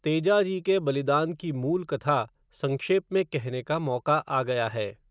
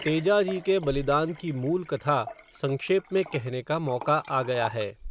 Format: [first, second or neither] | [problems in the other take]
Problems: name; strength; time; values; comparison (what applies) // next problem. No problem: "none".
first | background sound (Liquid); 15 dB below the speech